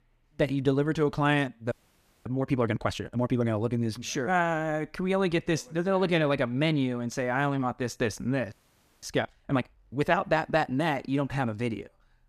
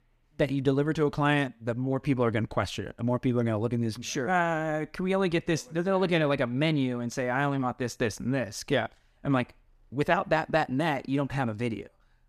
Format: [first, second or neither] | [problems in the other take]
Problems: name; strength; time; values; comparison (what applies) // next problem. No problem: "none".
second | audio freezing; at 1.5 s for 0.5 s and at 8.5 s for 0.5 s